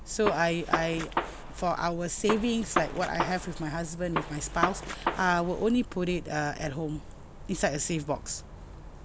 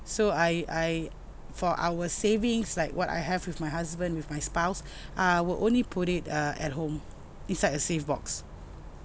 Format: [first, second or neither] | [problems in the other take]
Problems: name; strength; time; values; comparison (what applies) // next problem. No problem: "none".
second | background sound (Gunshot, gunfire); 4 dB below the speech